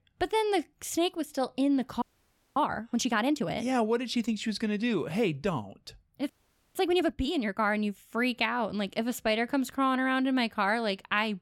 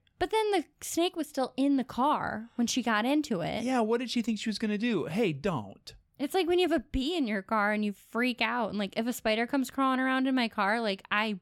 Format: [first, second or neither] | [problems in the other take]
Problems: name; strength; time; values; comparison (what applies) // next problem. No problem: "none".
second | audio freezing; at 2 s for 0.5 s and at 6.5 s